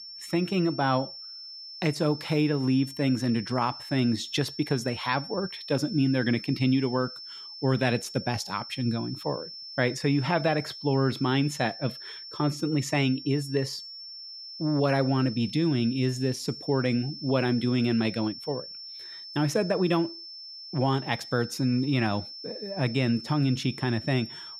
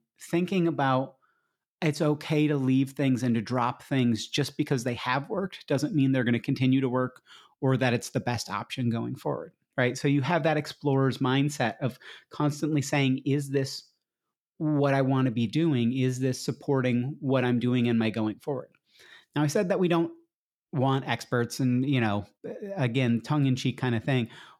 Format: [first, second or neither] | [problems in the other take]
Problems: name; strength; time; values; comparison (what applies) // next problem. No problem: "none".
second | high-pitched whine; noticeable; throughout; 5.5 kHz, 10 dB below the speech